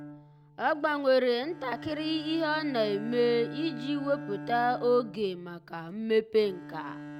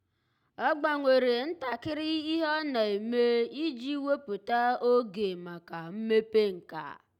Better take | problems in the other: second | background sound (Bowed string instrument); 13 dB below the speech

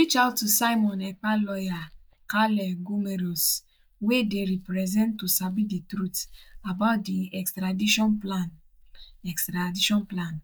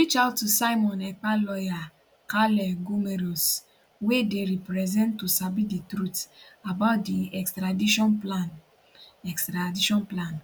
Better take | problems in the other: second | noise reduction (neural mask model DeepFilterNet 3)

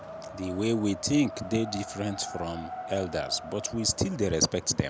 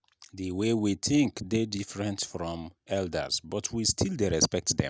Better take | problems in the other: second | background sound (Wind); 12 dB below the speech

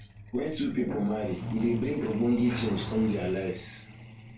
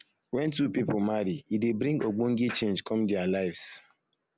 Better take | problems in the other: second | background sound (Truck); 10 dB below the speech // room echo; dies away in 0.3 s

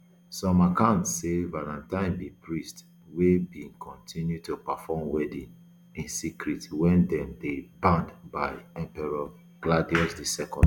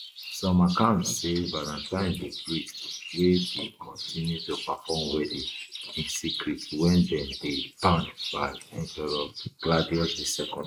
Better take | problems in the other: first | noise reduction (neural mask model Resemble Enhance denoiser)

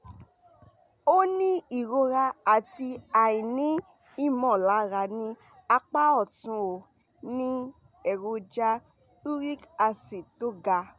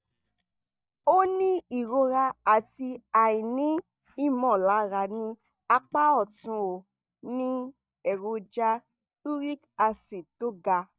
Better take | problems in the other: first | noise reduction (neural mask model DeepFilterNet 3)

